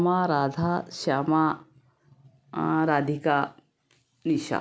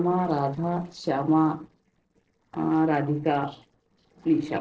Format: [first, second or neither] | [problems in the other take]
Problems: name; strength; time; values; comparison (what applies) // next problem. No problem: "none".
first | noise reduction (neural separator model SepFormer DNS4)